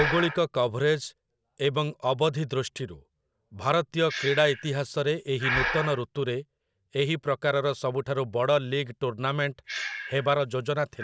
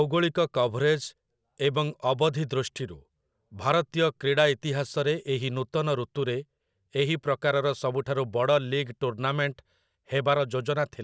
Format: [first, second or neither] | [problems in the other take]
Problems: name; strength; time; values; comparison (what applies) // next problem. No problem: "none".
second | background sound (Breathing); 10 dB below the speech